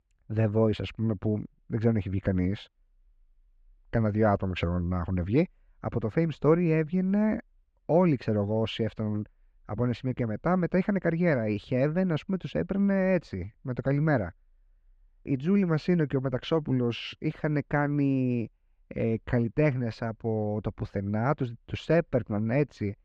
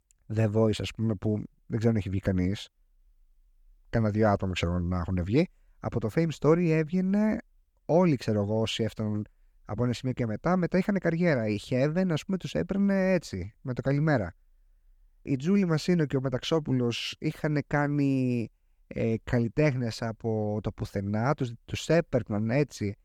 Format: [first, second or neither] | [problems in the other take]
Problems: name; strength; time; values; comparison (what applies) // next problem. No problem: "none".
second | muffled; slightly; fading above 3 kHz